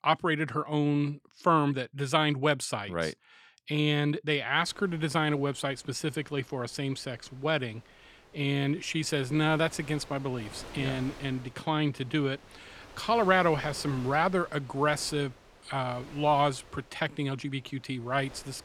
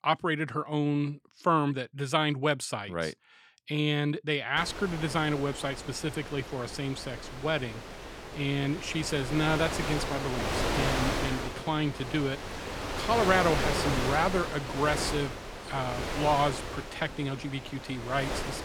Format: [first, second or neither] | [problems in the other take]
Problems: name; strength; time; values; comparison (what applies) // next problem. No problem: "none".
first | wind noise on the microphone; heavy; from 4.5 s on; 4 dB below the speech; occasional gusts in the first